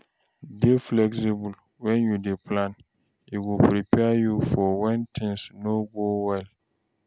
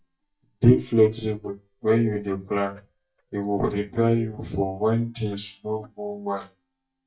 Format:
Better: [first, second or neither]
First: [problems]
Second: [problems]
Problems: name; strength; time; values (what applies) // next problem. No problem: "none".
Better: first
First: none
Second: noise reduction (neural mask model DeepFilterNet 3)